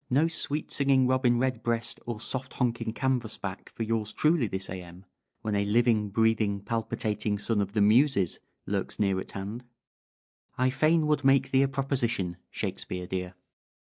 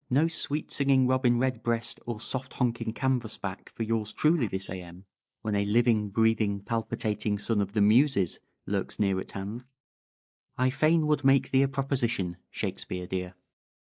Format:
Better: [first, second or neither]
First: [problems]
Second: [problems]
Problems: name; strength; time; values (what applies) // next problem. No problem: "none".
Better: first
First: none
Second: noise reduction (neural mask model Resemble Enhance denoiser)